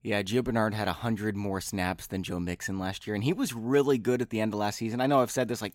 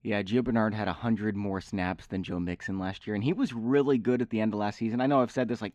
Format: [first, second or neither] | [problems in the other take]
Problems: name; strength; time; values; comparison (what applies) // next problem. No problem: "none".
first | muffled; slightly; fading above 3.5 kHz